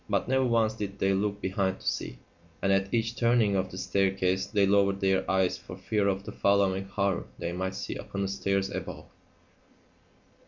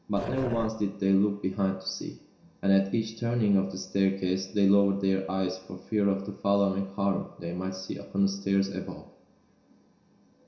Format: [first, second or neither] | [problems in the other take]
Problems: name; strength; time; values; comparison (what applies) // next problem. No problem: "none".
first | background sound (Growling); 10 dB below the speech // room echo; dies away in 0.7 s